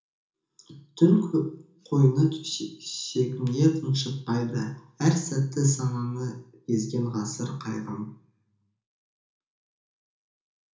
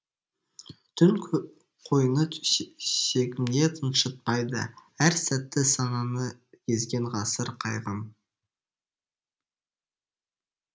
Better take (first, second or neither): second